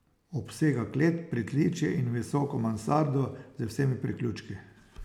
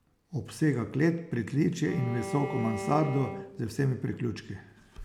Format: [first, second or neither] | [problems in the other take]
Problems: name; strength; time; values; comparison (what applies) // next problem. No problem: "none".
first | background sound (Bowed string instrument); 9 dB below the speech